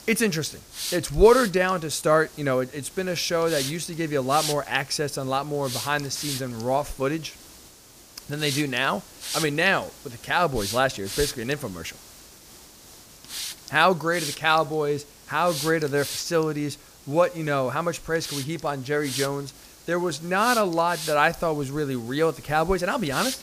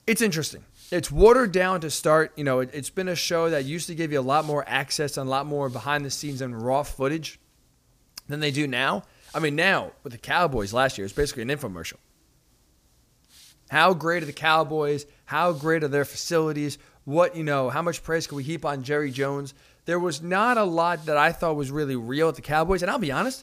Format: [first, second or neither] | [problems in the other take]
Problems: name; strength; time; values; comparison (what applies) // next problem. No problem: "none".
second | hiss; loud; throughout; 10 dB below the speech; faint in the second